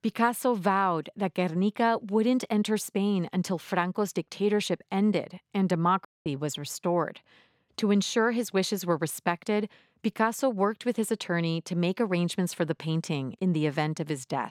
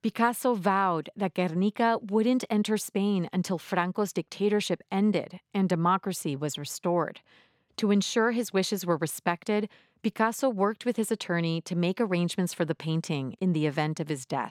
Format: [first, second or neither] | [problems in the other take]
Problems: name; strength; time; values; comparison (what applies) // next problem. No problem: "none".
second | audio cutting out; at 6 s